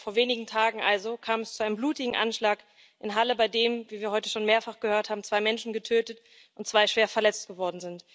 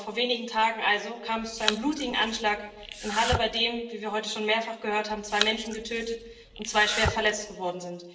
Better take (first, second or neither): first